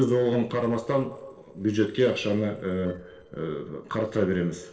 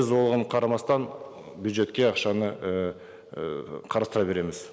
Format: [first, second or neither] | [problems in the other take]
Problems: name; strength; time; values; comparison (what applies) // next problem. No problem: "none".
second | noise reduction (neural separator model SepFormer DNS4)